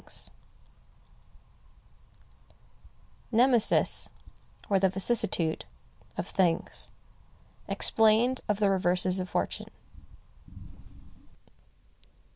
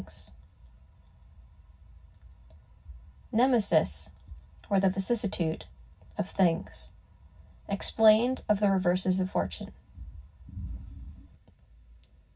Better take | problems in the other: first | room echo; dies away in 0.4 s

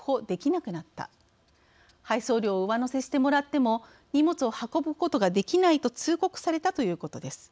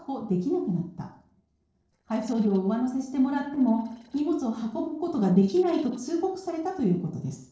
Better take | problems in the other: first | noise reduction (neural separator model SepFormer DNS4)

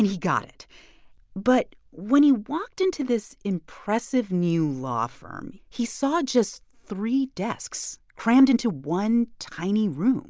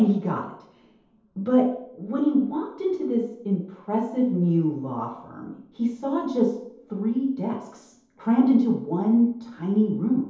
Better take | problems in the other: first | room echo; dies away in 0.8 s

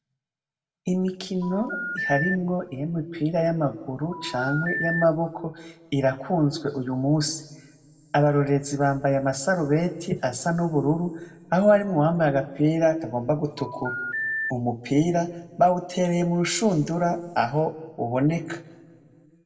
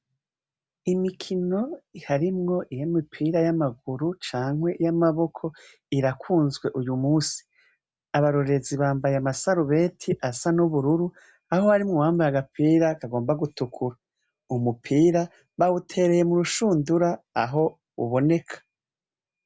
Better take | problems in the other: second | background sound (Telephone); 8 dB below the speech // room echo; dies away in 0.9 s

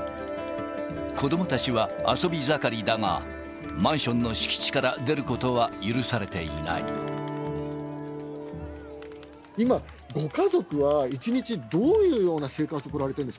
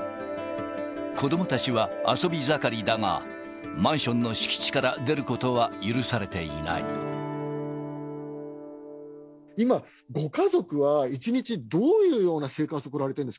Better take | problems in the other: second | background sound (Crowd); 18 dB below the speech

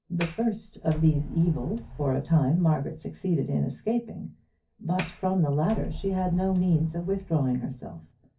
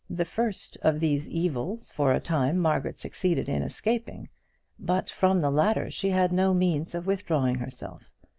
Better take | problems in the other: second | background sound (Sliding door); 13 dB below the speech // room echo; dies away in 0.3 s

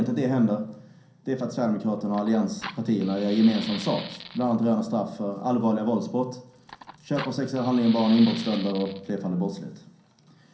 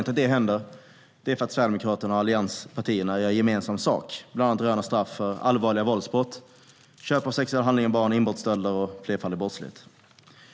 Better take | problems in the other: second | background sound (Fire); 17 dB below the speech // room echo; dies away in 0.6 s

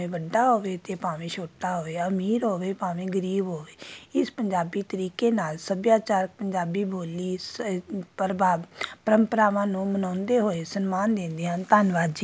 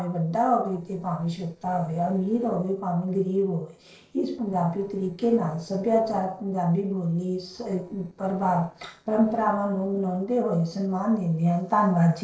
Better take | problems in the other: first | noise reduction (neural separator model SepFormer DNS4)

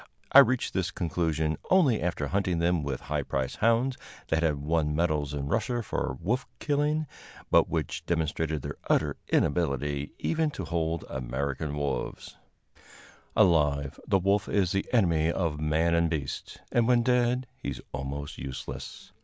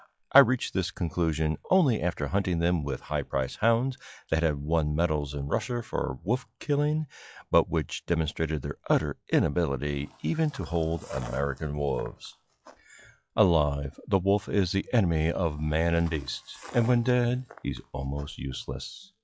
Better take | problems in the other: first | noise reduction (classical method log-MMSE)

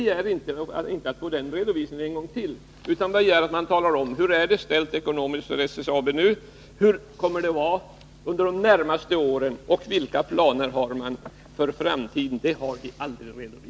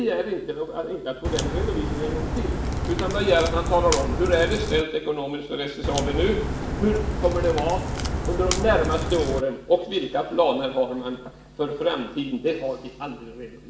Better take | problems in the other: first | background sound (Crack); 1 dB below the speech // room echo; dies away in 0.7 s

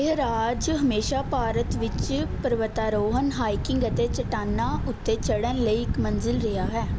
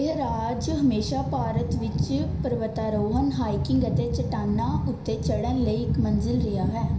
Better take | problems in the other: first | room echo; dies away in 0.5 s

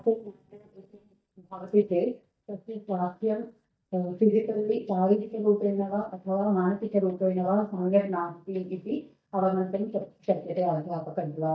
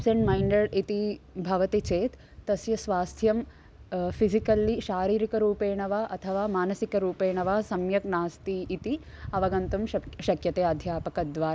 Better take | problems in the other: second | noise reduction (neural mask model DeepFilterNet 3)

